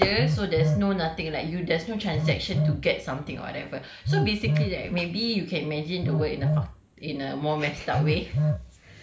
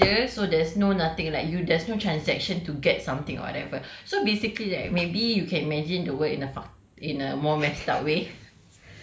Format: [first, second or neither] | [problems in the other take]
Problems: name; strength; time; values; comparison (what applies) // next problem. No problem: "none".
second | background sound (Telephone); 1 dB below the speech